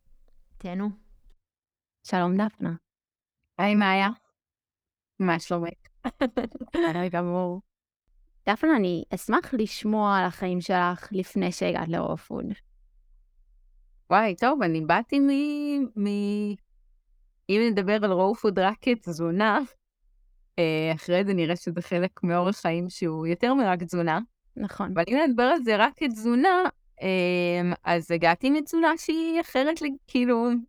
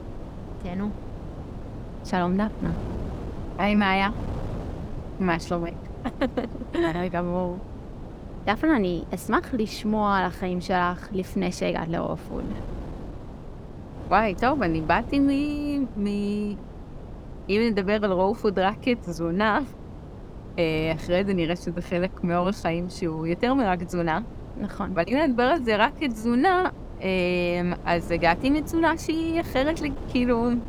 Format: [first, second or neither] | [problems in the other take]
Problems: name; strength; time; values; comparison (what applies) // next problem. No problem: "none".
first | wind noise on the microphone; occasional gusts; 20 dB below the speech